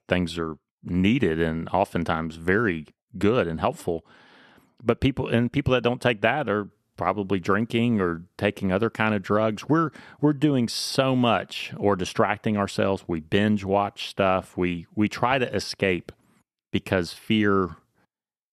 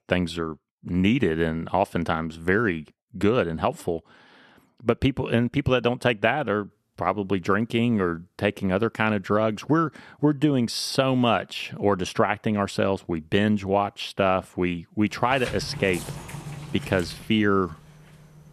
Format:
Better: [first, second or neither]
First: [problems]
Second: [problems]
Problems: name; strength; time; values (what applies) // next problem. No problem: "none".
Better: first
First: none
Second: door banging; faint; from 15 s on; peak 10 dB below the speech